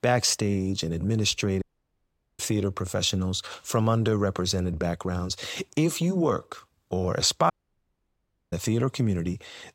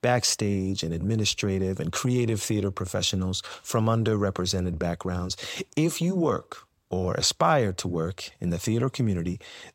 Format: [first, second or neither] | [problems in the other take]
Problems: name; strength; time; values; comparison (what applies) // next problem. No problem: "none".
second | audio cutting out; at 1.5 s for 1 s and at 7.5 s for 1 s